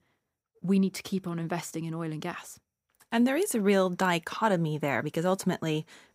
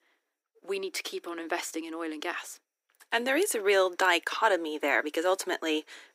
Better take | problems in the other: first | thin; very; fading below 300 Hz

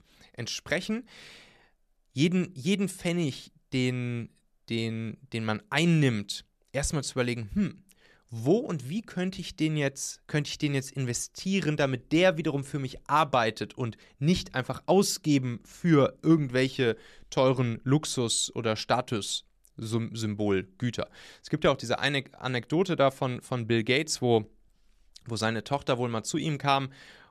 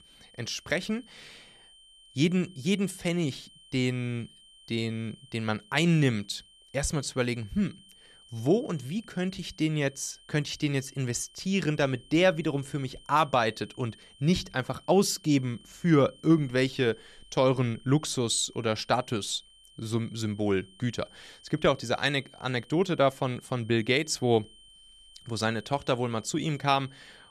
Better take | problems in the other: first | high-pitched whine; faint; throughout; 3 kHz, 25 dB below the speech

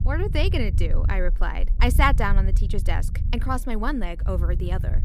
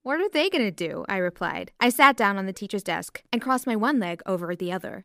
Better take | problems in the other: second | low rumble; noticeable; throughout; 15 dB below the speech

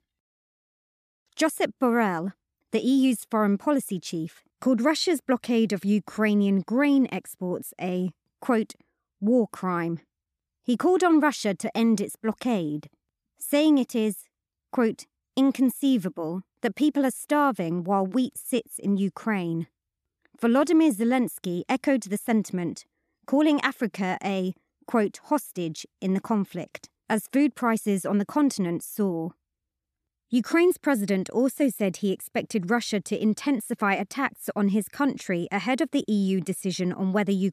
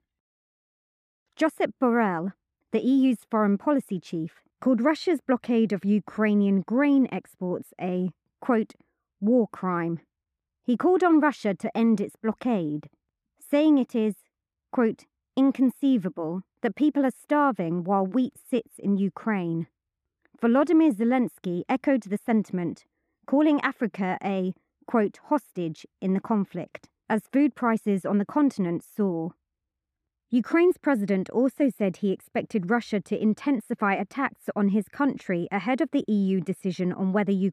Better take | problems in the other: first | muffled; slightly; fading above 3.5 kHz

